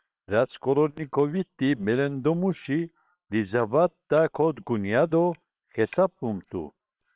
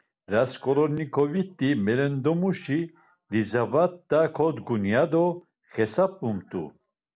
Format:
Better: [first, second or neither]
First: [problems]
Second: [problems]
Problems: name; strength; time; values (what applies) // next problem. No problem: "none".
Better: second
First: noise reduction (neural separator model SepFormer WHAM!)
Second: none